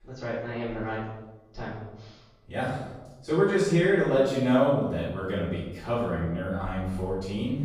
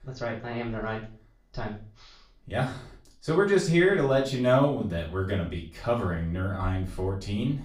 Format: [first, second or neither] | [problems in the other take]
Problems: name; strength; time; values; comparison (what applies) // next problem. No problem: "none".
second | room echo; strong; dies away in 0.9 s; slight in the second // off-mic speech; far; far in the second